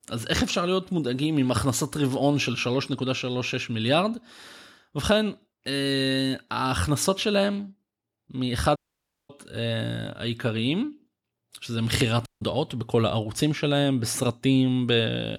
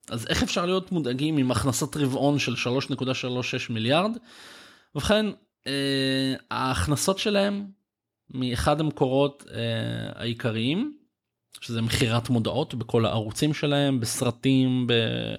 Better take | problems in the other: second | audio cutting out; at 9 s for 0.5 s and at 12 s

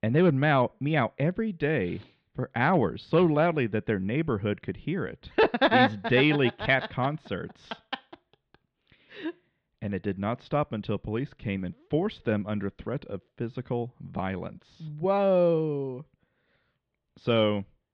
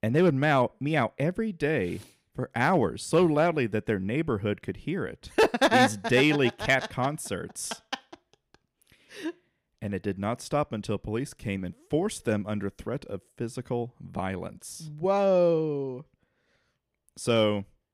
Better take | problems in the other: second | muffled; slightly; fading above 4 kHz

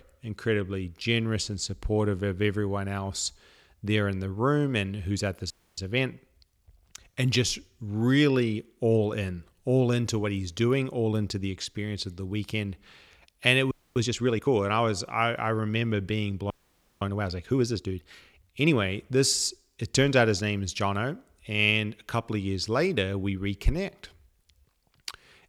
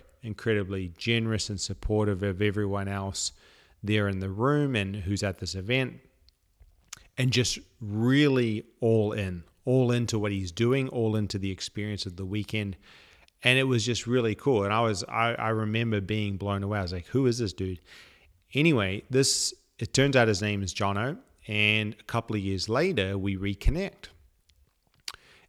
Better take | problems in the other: second | audio freezing; at 5.5 s, at 14 s and at 17 s for 0.5 s

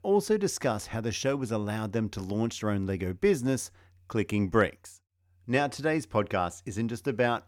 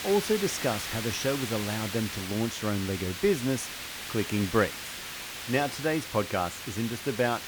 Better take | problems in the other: first | hiss; loud; throughout; 6 dB below the speech

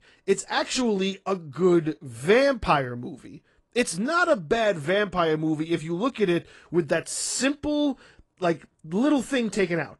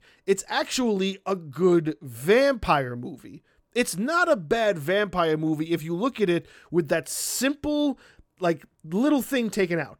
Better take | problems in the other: second | garbled, watery; slightly; nothing above 10.5 kHz

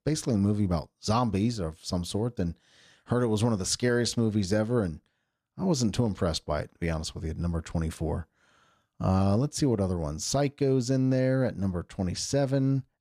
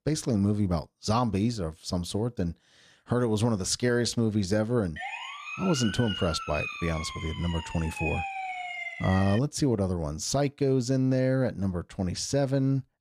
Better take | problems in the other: first | siren; noticeable; from 5 to 9.5 s; peak 4 dB below the speech

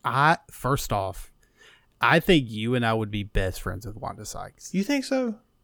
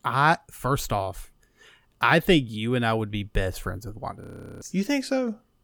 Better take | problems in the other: first | audio freezing; at 4 s

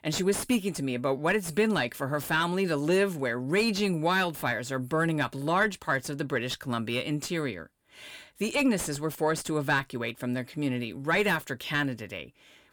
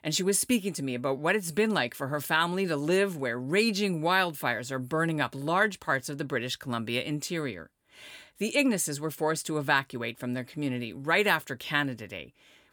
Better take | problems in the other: second | distortion; slight; 10 dB below the speech

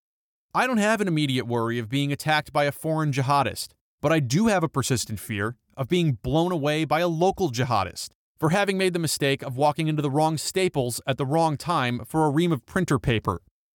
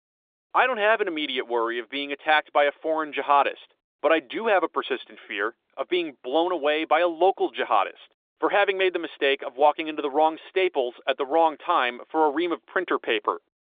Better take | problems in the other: first | phone-call audio

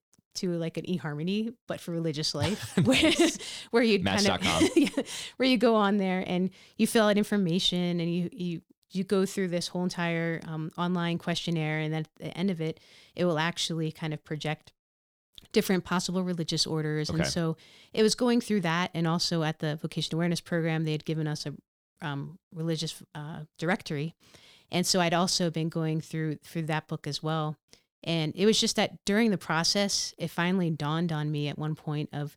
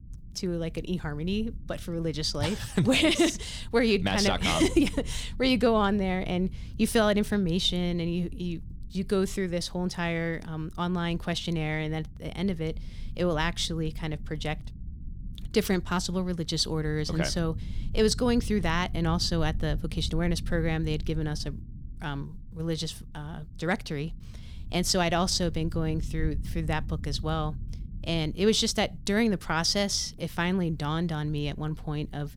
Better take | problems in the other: first | low rumble; faint; throughout; 25 dB below the speech

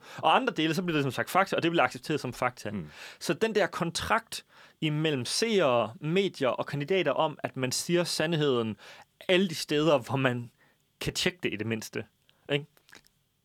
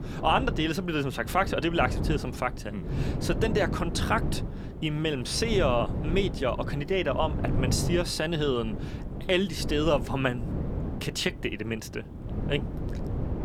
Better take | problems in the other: first | wind noise on the microphone; occasional gusts; 10 dB below the speech

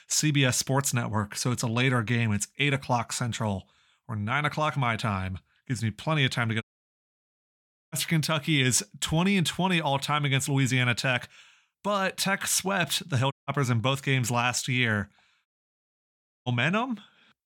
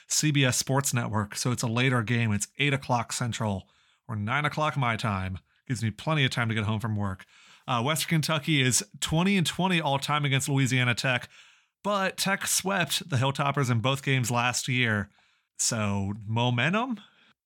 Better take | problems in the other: second | audio cutting out; at 6.5 s for 1.5 s, at 13 s and at 15 s for 1 s

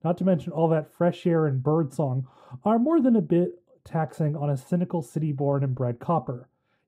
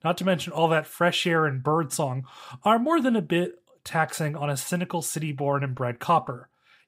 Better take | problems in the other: second | muffled; very; fading above 1 kHz

